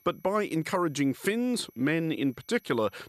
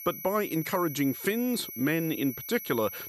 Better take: first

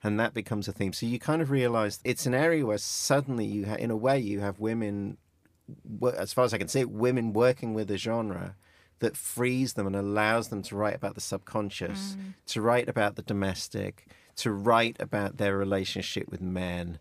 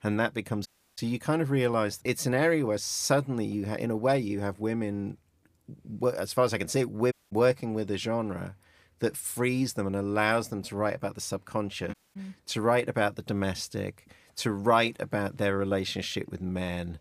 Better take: first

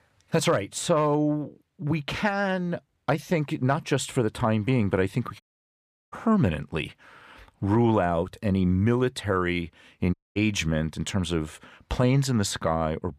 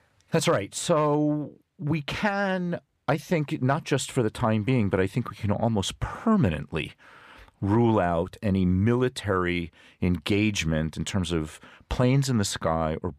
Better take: second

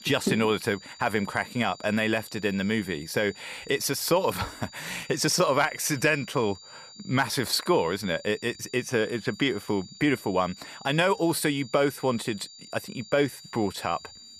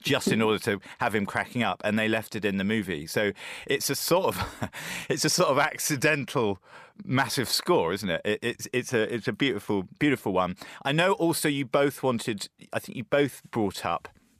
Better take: second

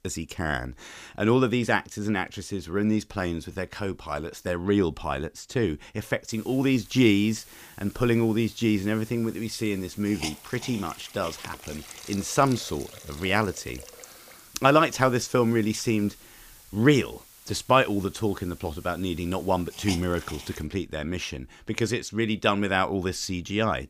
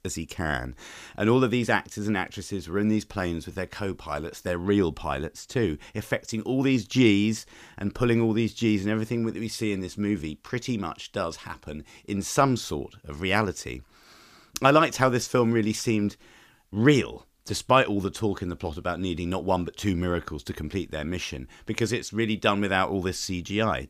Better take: second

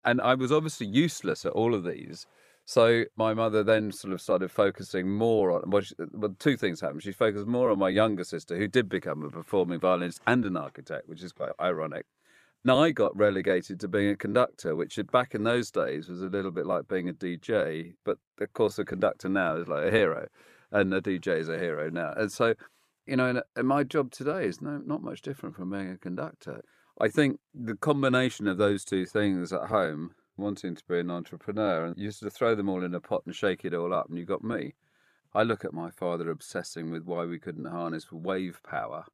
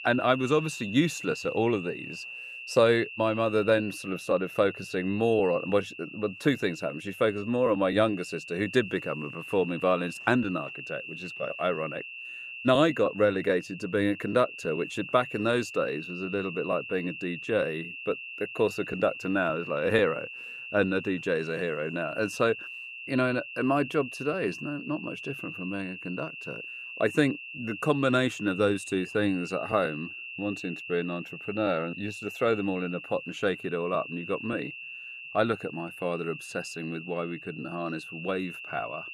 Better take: first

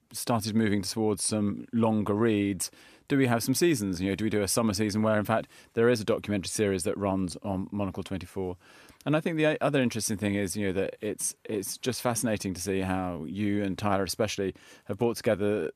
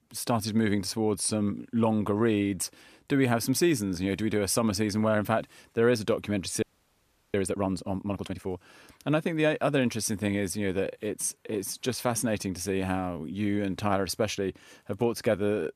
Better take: first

